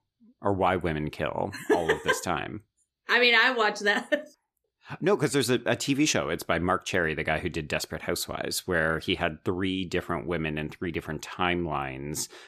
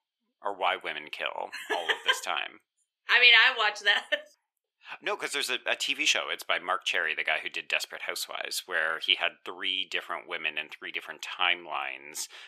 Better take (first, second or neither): first